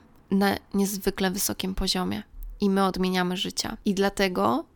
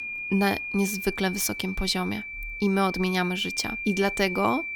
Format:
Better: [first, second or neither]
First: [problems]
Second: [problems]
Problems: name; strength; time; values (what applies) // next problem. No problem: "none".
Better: first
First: none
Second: high-pitched whine; loud; throughout; 2.5 kHz, 6 dB below the speech